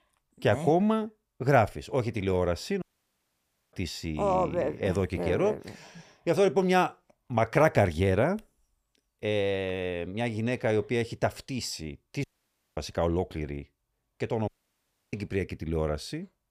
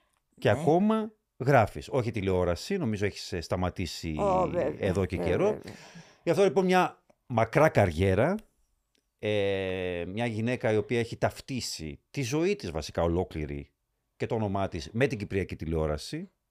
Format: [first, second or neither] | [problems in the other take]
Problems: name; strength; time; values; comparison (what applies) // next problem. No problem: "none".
second | audio cutting out; at 3 s for 1 s, at 12 s for 0.5 s and at 14 s for 0.5 s